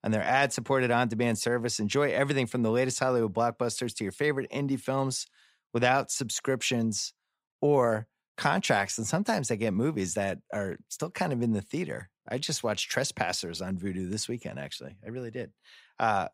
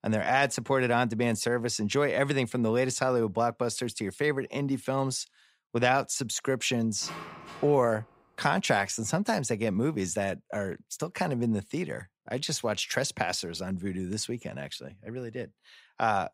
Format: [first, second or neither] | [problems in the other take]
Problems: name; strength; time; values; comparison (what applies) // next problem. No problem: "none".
first | door banging; faint; at 7 s; peak 10 dB below the speech